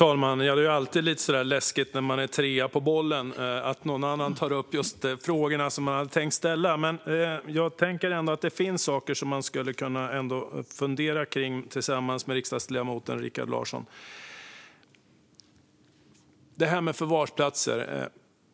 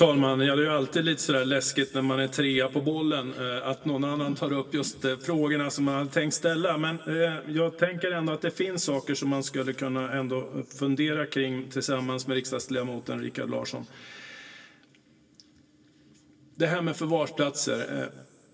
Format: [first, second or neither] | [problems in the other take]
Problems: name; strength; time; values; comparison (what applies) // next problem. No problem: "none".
first | room echo; dies away in 2.1 s